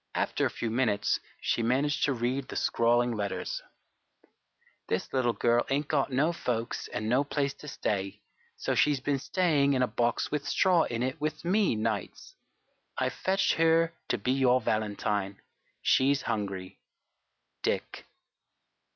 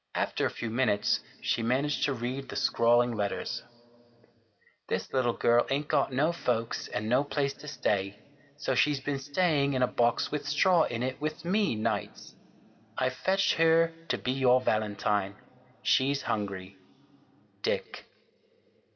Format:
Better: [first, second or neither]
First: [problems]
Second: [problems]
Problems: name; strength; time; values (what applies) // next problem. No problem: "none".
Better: first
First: none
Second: room echo; dies away in 1.6 s